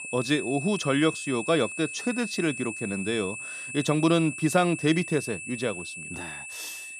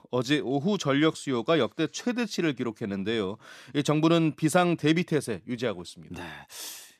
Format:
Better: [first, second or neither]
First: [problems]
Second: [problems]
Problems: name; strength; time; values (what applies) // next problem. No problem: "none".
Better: second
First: high-pitched whine; loud; throughout; 2.5 kHz, 8 dB below the speech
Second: none